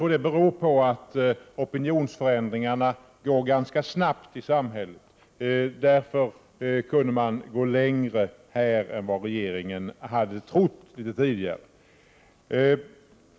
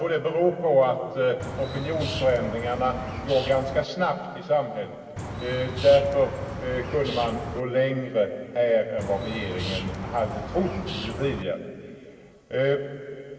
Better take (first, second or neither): first